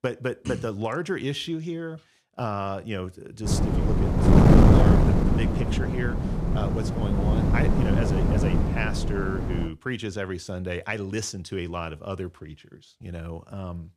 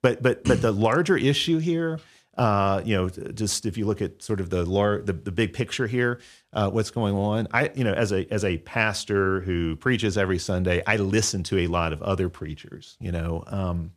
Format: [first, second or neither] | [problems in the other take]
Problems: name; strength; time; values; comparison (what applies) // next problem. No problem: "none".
second | wind noise on the microphone; heavy; from 3.5 to 9.5 s; 4 dB above the speech